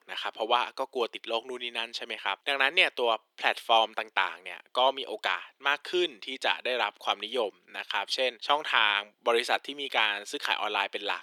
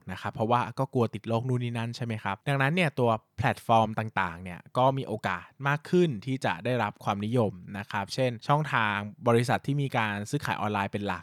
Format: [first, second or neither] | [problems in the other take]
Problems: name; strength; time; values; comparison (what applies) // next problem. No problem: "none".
second | thin; very; fading below 350 Hz